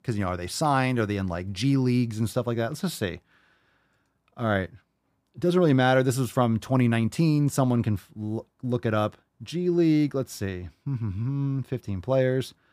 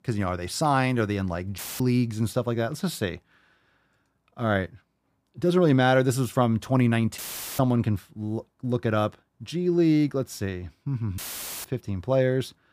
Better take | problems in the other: first | audio cutting out; filled with static; at 1.5 s, at 7 s and at 11 s

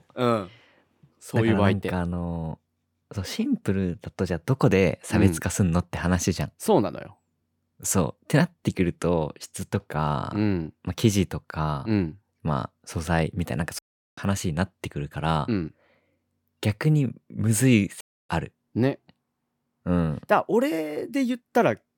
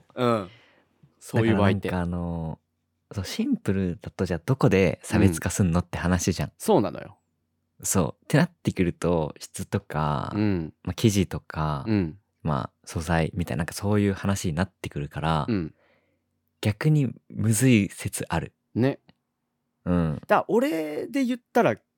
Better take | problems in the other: second | audio cutting out; at 14 s and at 18 s

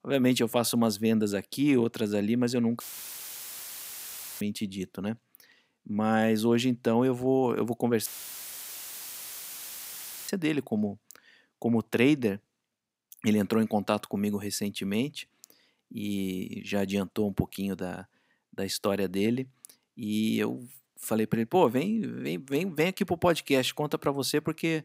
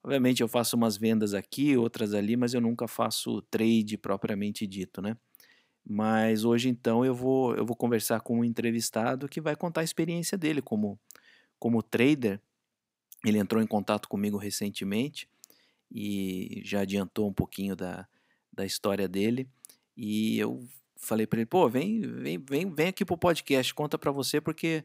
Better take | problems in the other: second | audio cutting out; filled with static; at 3 s for 1.5 s and at 8 s for 2 s

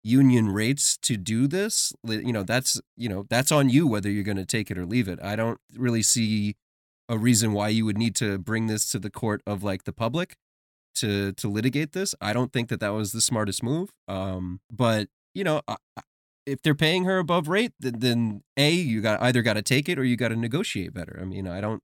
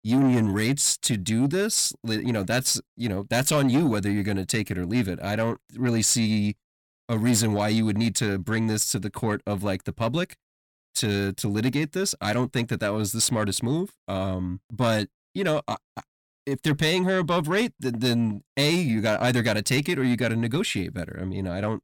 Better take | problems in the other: first | distortion; slight; 10 dB below the speech

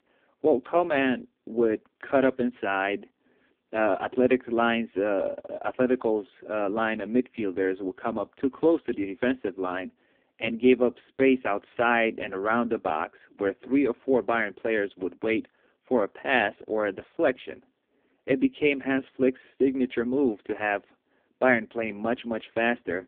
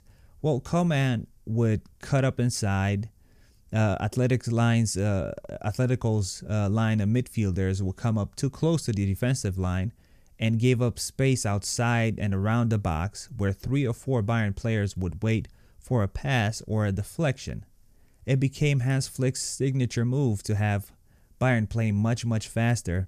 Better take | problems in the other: second | phone-call audio; poor line

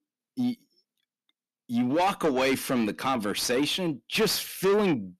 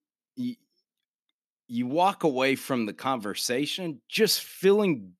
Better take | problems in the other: second | distortion; heavy; 7 dB below the speech

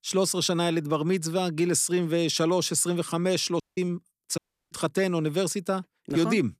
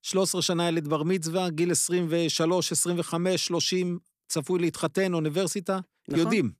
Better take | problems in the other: second | audio cutting out; at 3.5 s and at 4.5 s

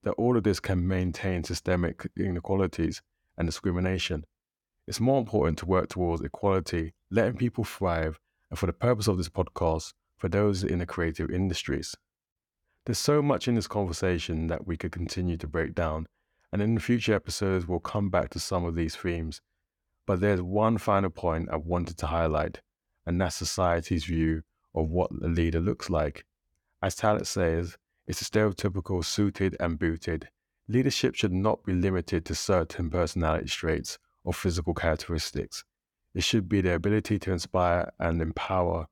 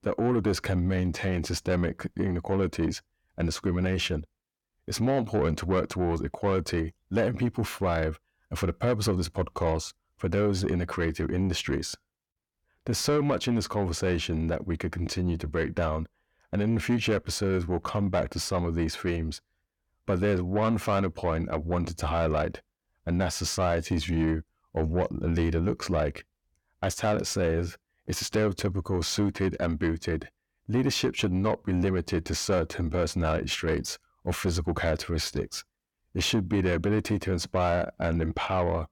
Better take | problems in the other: first | distortion; slight; 10 dB below the speech

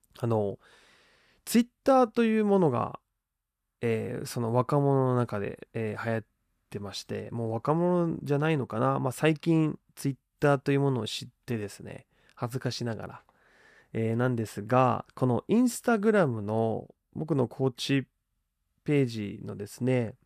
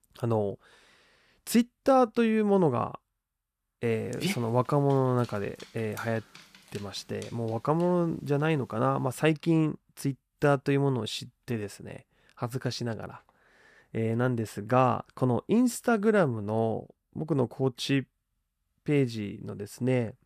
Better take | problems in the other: first | dog barking; noticeable; from 4 to 7 s; peak 5 dB below the speech

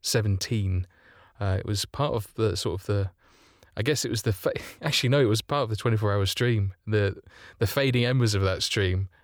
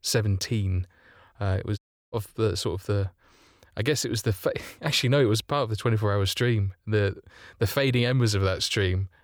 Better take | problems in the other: first | audio cutting out; at 2 s

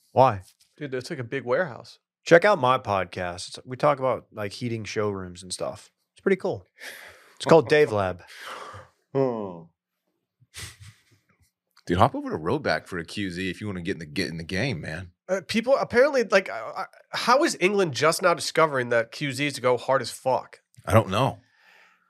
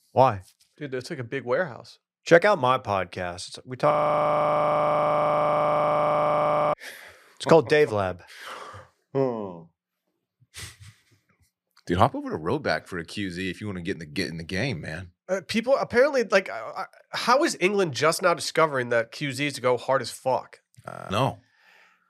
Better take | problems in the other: first | audio freezing; at 4 s for 3 s and at 21 s

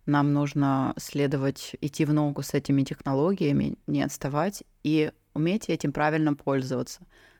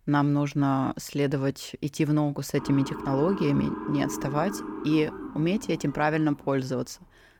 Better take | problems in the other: first | siren; noticeable; from 2.5 to 6.5 s; peak 7 dB below the speech

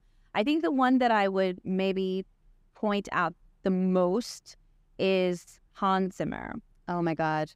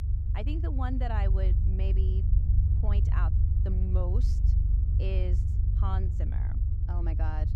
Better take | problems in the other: first | low rumble; loud; throughout; 4 dB below the speech

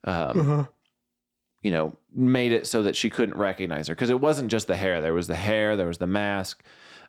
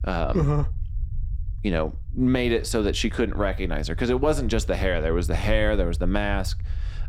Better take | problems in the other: first | low rumble; faint; throughout; 25 dB below the speech

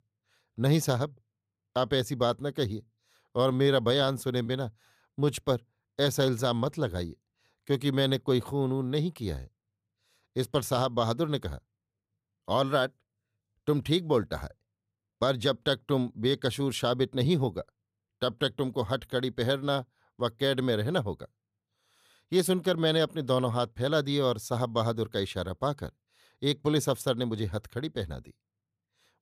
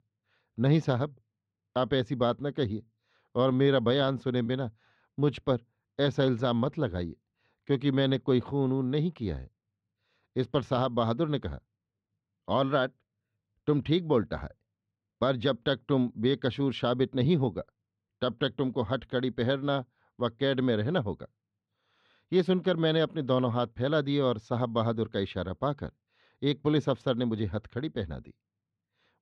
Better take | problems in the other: first | muffled; slightly; fading above 3.5 kHz

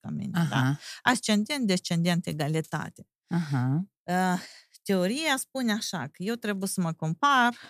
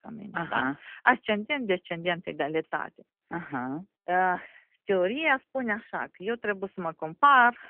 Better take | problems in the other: first | phone-call audio; nothing above 3 kHz

